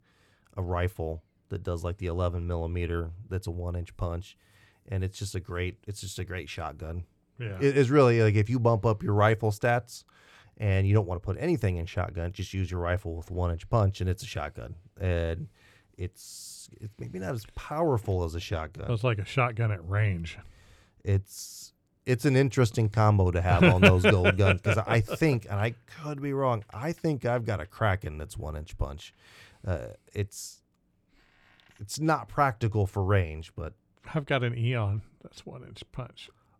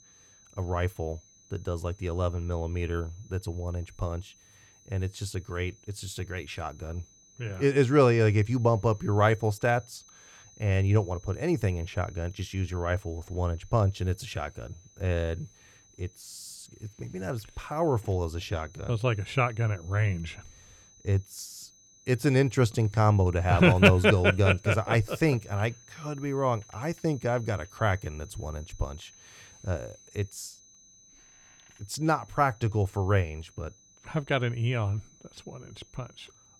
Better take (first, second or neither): first